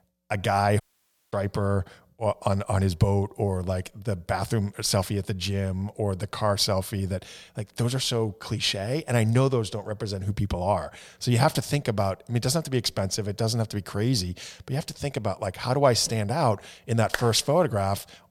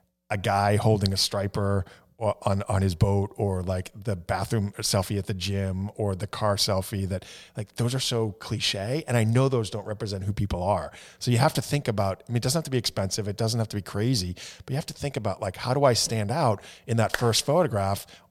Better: second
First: audio cutting out; at 1 s for 0.5 s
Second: none

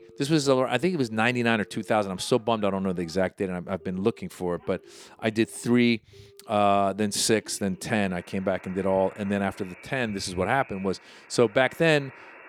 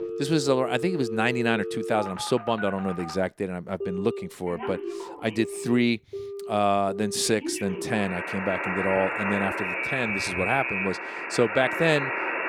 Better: first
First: alarms or sirens; faint; throughout; 25 dB below the speech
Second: alarms or sirens; loud; throughout; 4 dB below the speech

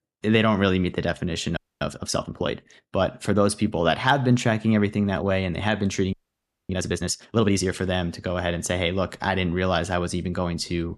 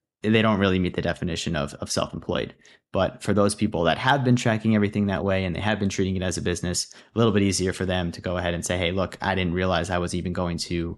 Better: second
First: audio freezing; at 1.5 s and at 6 s for 0.5 s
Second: none

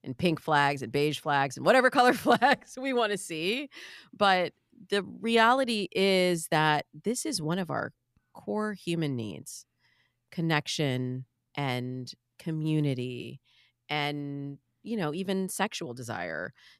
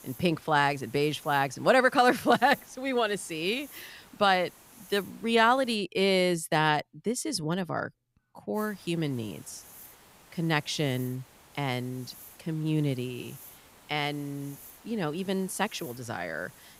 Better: first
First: none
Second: hiss; faint; until 6 s and from 8.5 s on; 20 dB below the speech

